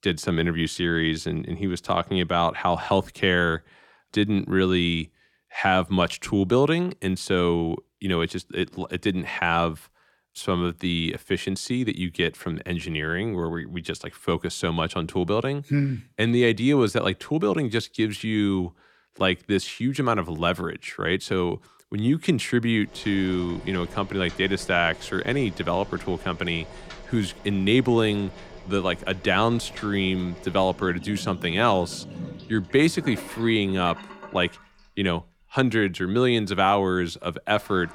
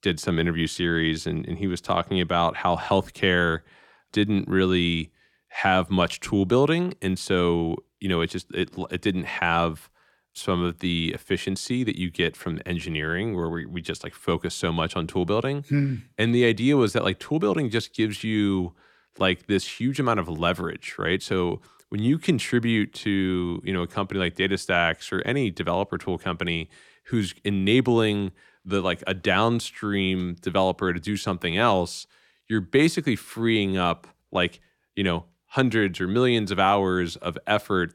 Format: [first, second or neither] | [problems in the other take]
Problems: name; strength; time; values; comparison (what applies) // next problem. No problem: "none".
second | household noises; noticeable; from 23 s on; 20 dB below the speech